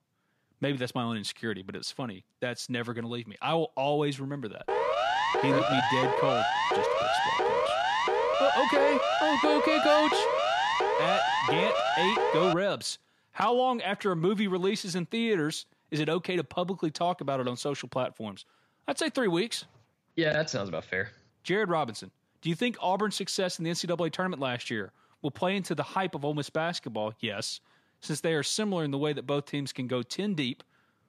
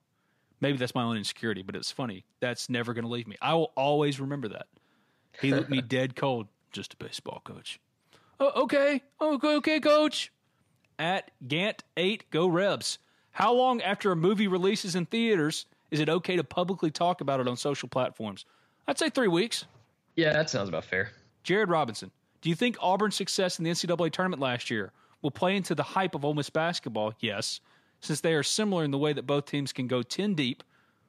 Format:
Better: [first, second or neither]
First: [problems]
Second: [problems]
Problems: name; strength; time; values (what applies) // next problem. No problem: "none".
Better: second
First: siren; loud; from 4.5 to 13 s; peak 4 dB above the speech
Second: none